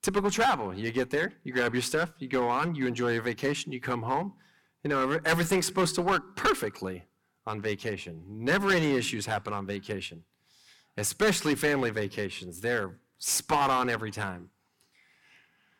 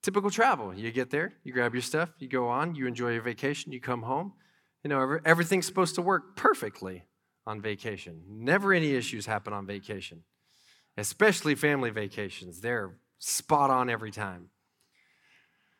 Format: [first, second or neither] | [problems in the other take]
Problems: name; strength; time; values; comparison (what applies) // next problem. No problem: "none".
second | distortion; heavy; 5% of the sound clipped